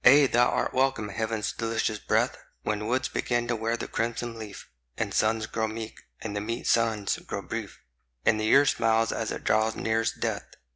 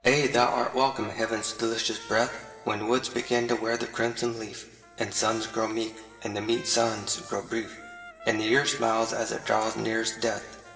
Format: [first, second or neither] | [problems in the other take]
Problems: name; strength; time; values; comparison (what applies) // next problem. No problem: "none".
first | background sound (Trumpet); 19 dB below the speech // room echo; dies away in 2.4 s